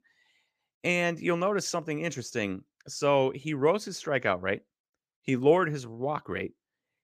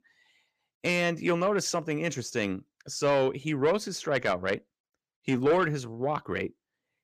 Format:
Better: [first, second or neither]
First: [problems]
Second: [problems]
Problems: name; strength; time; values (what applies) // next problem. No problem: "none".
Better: first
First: none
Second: distortion; slight; 10 dB below the speech